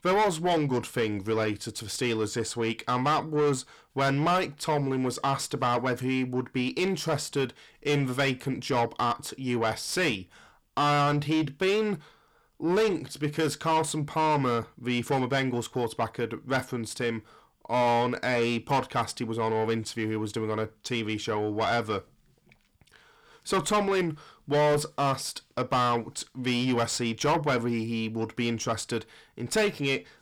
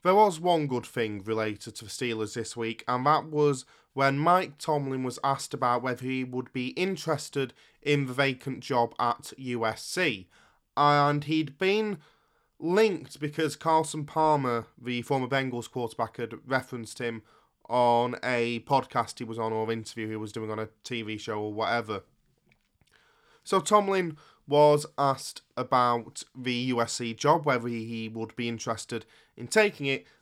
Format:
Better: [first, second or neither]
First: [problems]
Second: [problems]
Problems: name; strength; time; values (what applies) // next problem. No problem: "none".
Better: second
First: distortion; heavy; 7 dB below the speech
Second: none